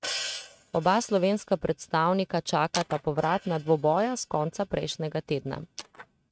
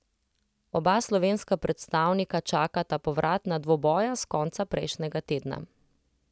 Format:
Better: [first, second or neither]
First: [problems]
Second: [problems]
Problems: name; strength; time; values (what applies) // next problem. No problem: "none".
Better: second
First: noise reduction (neural mask model RNNoise)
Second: none